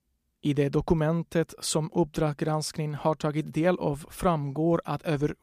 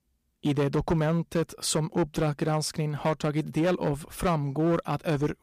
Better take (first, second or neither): first